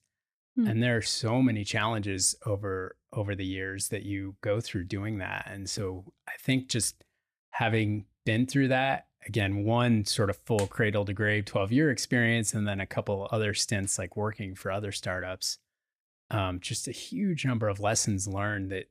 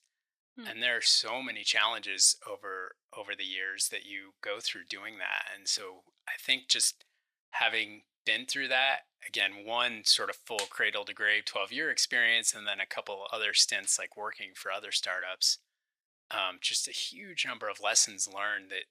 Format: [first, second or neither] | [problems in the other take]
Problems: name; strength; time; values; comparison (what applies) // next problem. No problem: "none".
first | thin; very; fading below 800 Hz